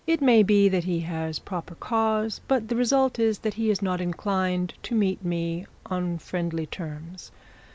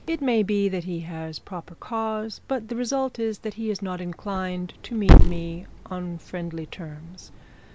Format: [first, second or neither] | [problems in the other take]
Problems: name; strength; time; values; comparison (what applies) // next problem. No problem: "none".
first | background sound (Thump, thud); 5 dB above the speech